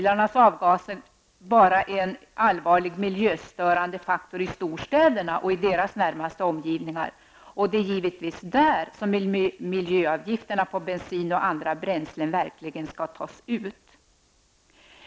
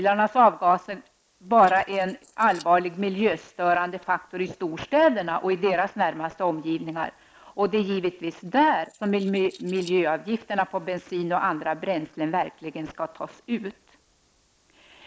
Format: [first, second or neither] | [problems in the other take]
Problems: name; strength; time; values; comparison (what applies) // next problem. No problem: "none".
first | noise reduction (neural mask model Resemble Enhance denoiser)